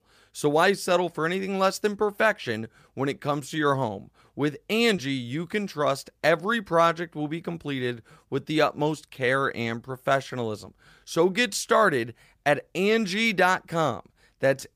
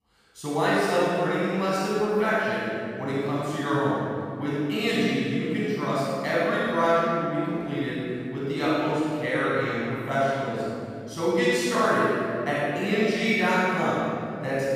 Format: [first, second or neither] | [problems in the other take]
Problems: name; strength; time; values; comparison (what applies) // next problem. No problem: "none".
first | off-mic speech; far // room echo; strong; dies away in 2.5 s